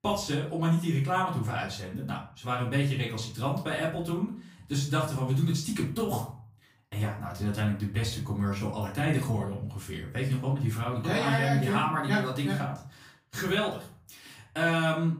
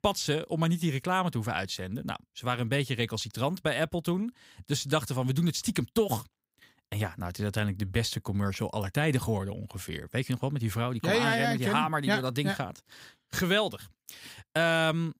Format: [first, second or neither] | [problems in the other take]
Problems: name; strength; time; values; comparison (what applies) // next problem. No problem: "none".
second | off-mic speech; far // room echo; slight; dies away in 0.4 s